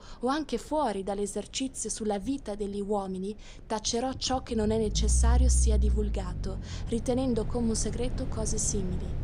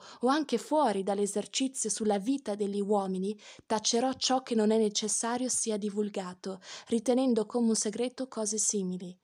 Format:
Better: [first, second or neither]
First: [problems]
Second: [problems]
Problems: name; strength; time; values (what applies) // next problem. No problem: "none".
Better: second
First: low rumble; noticeable; throughout; 15 dB below the speech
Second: none